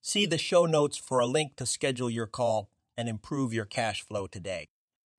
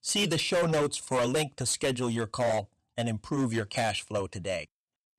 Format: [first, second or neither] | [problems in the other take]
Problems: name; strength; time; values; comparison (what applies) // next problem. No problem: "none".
first | distortion; heavy; 11% of the sound clipped